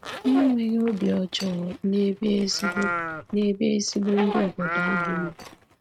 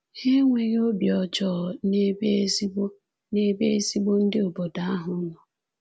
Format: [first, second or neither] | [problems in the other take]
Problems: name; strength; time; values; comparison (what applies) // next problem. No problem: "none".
second | noise reduction (neural mask model RNNoise)